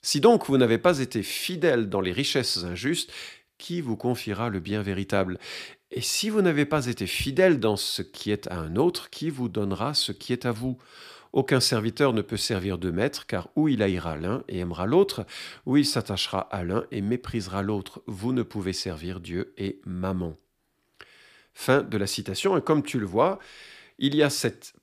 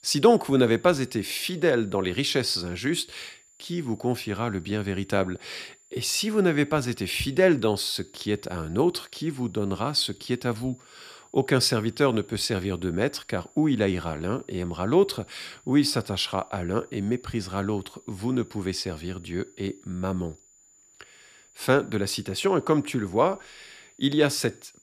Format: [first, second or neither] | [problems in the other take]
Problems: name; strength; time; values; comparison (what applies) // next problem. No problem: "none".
first | high-pitched whine; faint; throughout; 7 kHz, 30 dB below the speech